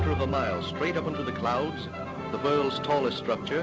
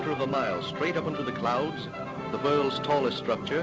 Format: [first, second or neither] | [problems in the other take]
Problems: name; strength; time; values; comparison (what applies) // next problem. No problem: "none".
second | background sound (Bowed string instrument); 9 dB below the speech